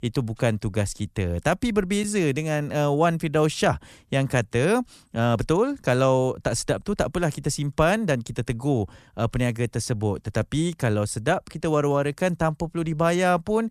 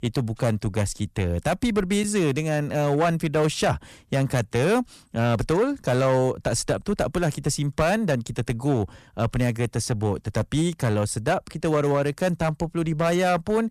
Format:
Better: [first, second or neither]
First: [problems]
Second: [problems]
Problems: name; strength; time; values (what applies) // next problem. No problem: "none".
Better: first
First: none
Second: distortion; slight; 6% of the sound clipped